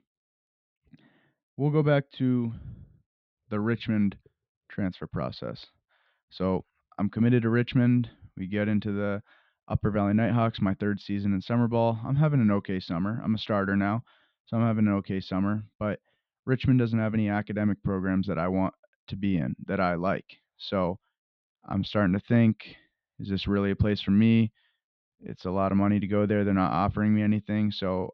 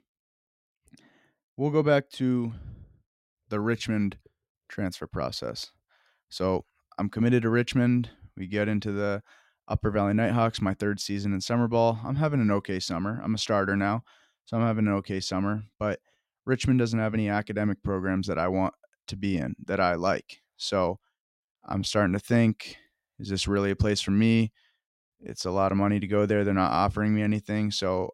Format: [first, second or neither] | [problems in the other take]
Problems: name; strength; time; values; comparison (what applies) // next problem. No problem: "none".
second | muffled; slightly; fading above 4 kHz